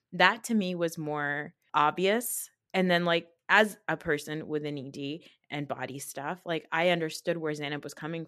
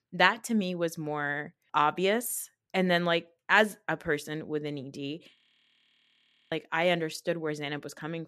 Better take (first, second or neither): first